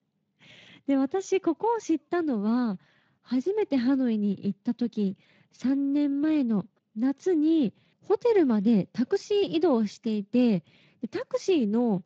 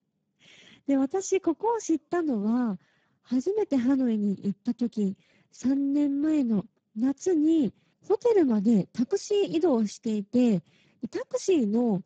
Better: first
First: garbled, watery; slightly; nothing above 16.5 kHz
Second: garbled, watery; badly; nothing above 7.5 kHz

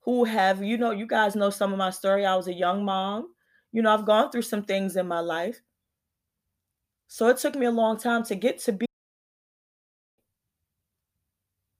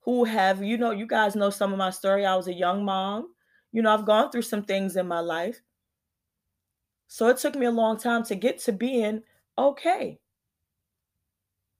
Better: second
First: audio cutting out; at 9 s for 1.5 s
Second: none

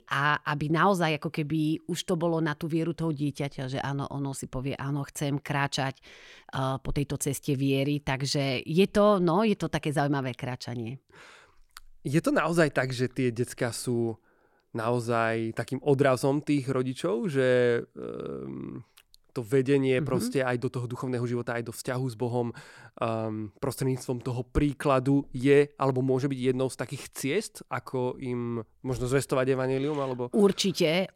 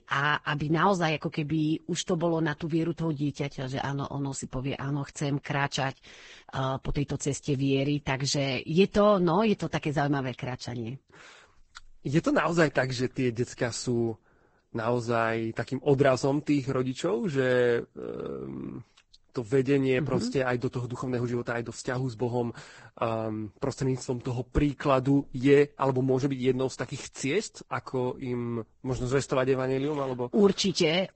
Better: first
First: none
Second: garbled, watery; badly; nothing above 8 kHz

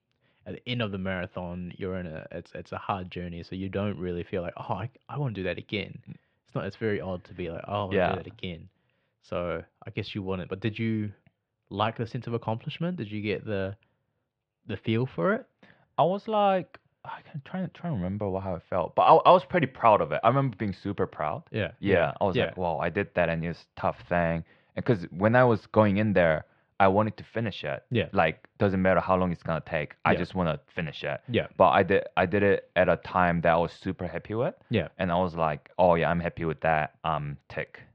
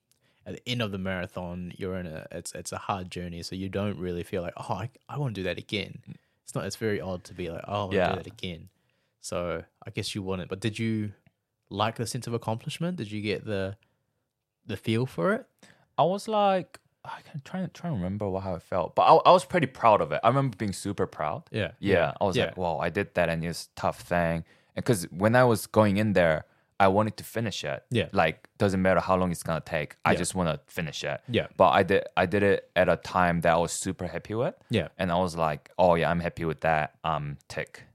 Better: second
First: muffled; slightly; fading above 3.5 kHz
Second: none

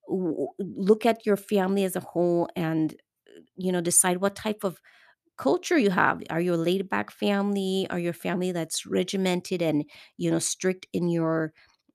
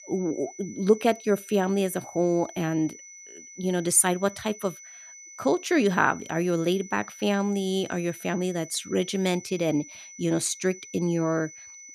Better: first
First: none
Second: high-pitched whine; noticeable; throughout; 6 kHz, 15 dB below the speech

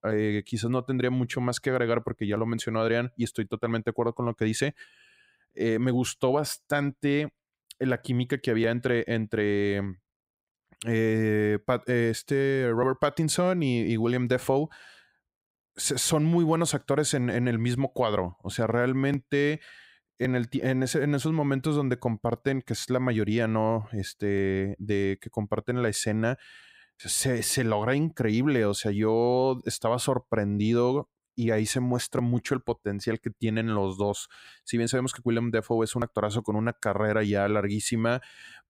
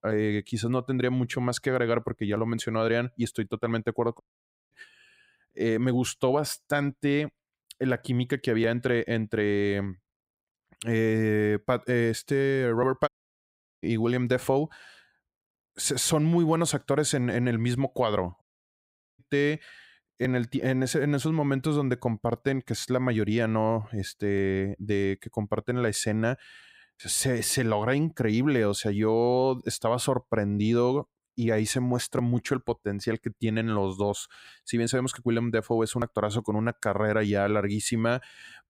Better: first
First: none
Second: audio cutting out; at 4 s for 0.5 s, at 13 s for 0.5 s and at 18 s for 1 s

